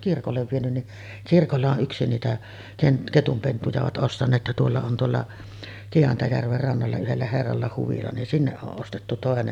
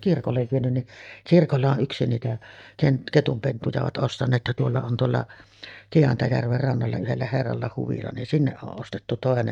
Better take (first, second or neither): first